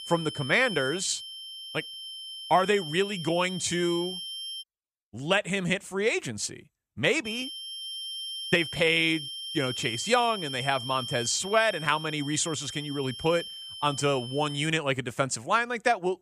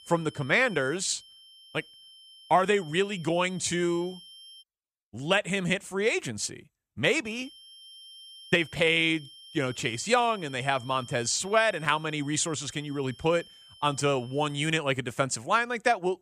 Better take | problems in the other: second | high-pitched whine; loud; until 4.5 s and from 7.5 to 15 s; 3 kHz, 8 dB below the speech; faint in the second

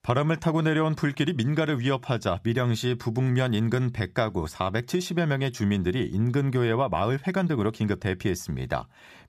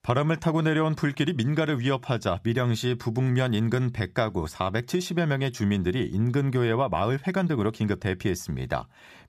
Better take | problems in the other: neither | none

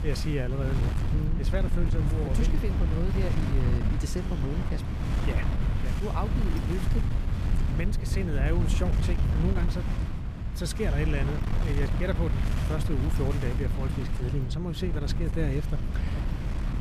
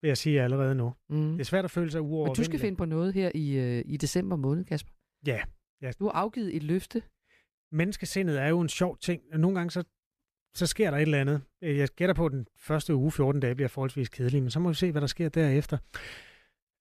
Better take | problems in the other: second | wind noise on the microphone; heavy; 2 dB below the speech

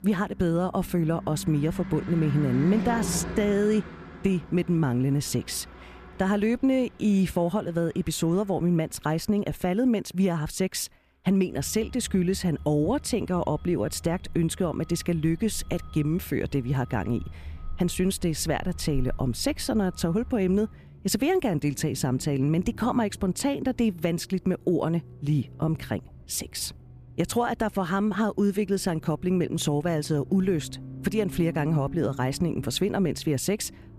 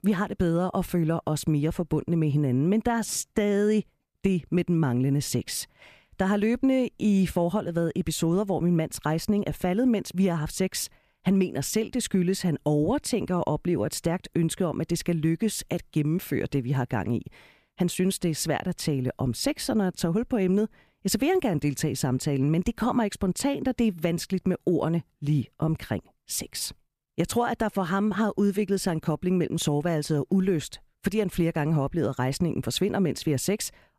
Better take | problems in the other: second | traffic noise; noticeable; throughout; 15 dB below the speech

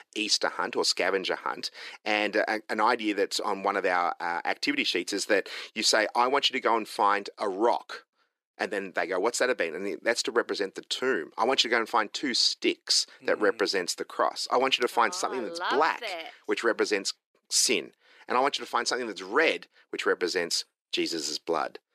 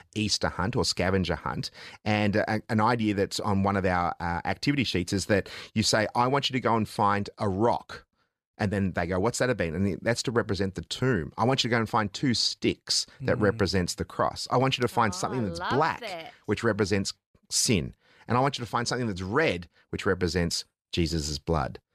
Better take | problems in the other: second | thin; somewhat; fading below 350 Hz

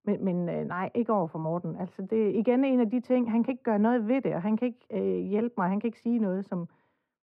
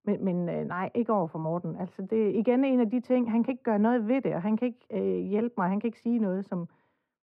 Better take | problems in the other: neither | muffled; very; fading above 2.5 kHz; the same in both

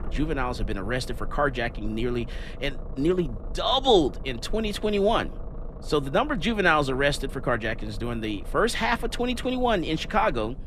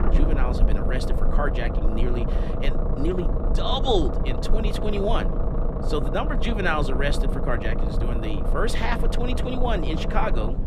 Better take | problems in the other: first | low rumble; loud; throughout; 4 dB below the speech; faint in the first

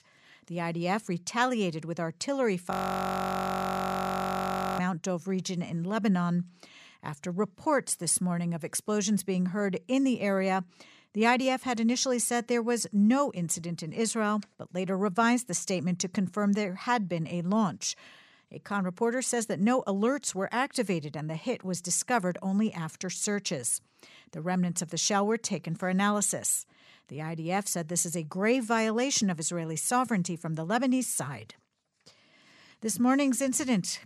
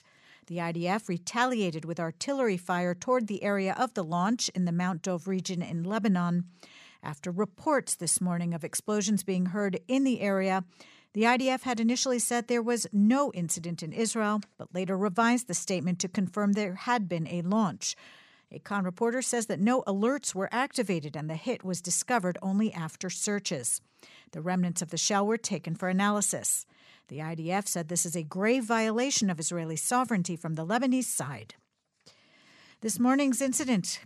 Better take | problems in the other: second | audio freezing; at 2.5 s for 2 s

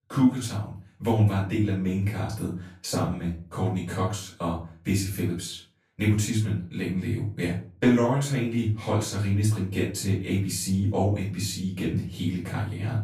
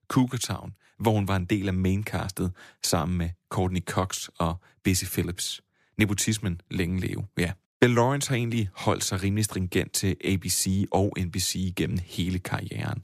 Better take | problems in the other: second | off-mic speech; far // room echo; noticeable; dies away in 0.3 s

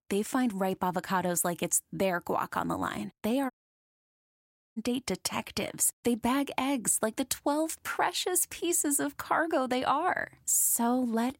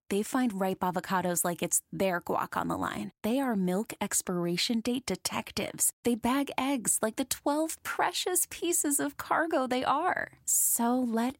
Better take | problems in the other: second | audio cutting out; at 3.5 s for 1.5 s

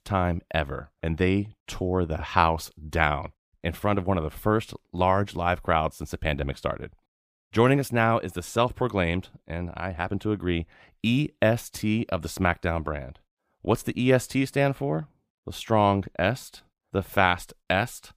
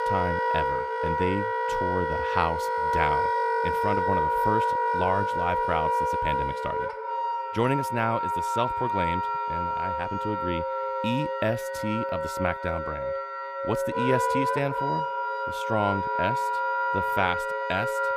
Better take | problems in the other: first | background music; very loud; throughout; 4 dB above the speech

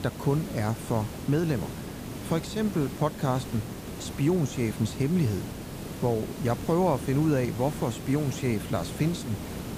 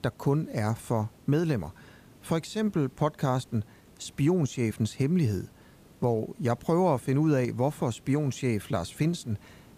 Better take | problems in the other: second | hiss; loud; throughout; 9 dB below the speech; faint in the second

